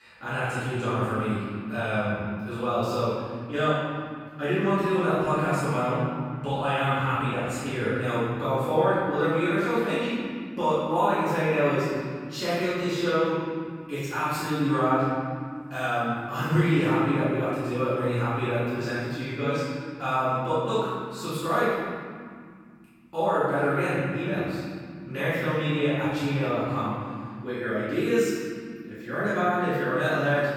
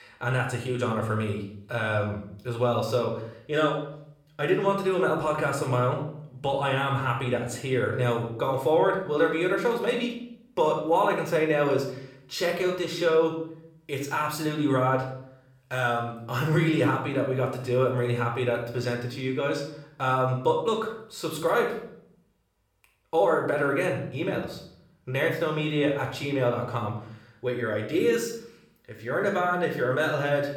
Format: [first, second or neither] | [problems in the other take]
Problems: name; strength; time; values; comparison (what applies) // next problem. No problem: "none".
second | room echo; strong; dies away in 2.1 s; slight in the second // off-mic speech; far; somewhat distant in the second